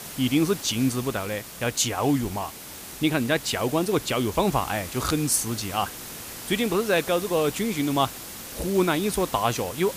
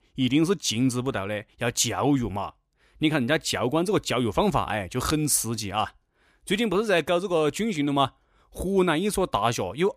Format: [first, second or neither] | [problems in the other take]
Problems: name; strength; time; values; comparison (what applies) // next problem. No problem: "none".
second | hiss; noticeable; throughout; 10 dB below the speech